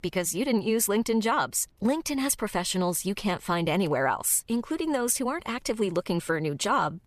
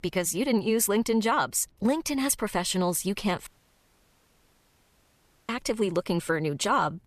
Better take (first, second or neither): first